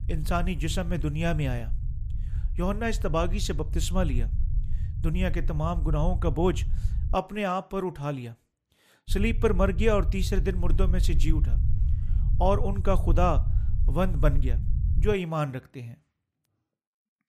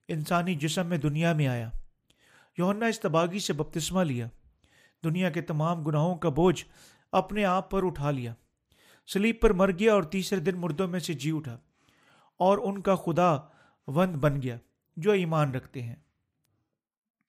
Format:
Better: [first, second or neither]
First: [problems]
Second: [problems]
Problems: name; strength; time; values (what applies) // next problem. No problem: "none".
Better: second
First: low rumble; noticeable; until 7 s and from 9 to 15 s; 15 dB below the speech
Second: none